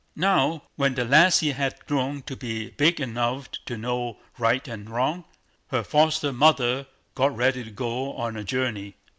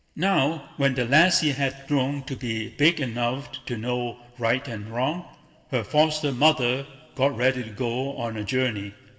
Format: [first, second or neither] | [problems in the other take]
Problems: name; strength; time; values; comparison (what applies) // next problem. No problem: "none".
first | room echo; dies away in 1.4 s